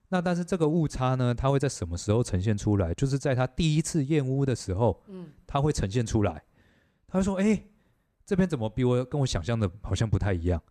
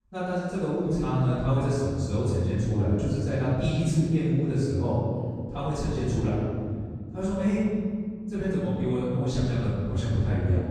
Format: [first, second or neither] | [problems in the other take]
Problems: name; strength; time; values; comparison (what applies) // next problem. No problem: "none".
first | room echo; strong; dies away in 2.4 s // off-mic speech; far